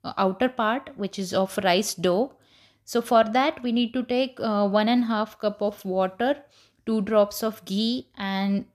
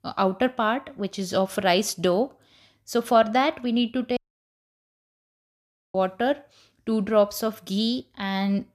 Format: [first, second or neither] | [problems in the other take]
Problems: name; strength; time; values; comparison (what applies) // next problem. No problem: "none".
first | audio cutting out; at 4 s for 2 s